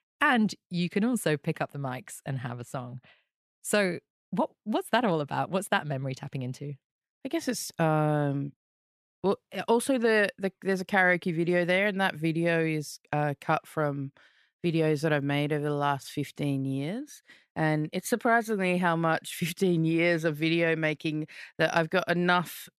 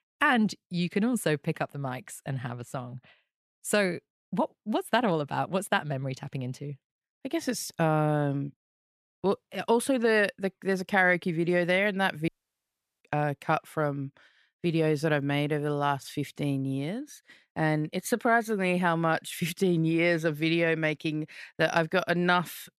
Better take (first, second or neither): first